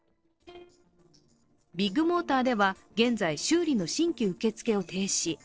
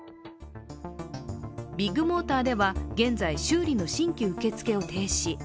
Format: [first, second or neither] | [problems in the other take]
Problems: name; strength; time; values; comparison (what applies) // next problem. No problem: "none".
second | noise reduction (neural separator model SepFormer DNS4)